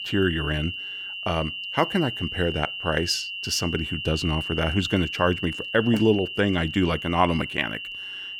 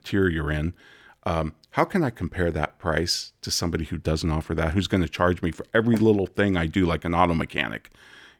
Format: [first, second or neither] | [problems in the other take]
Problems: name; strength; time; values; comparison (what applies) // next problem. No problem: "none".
second | high-pitched whine; loud; throughout; 3 kHz, 6 dB below the speech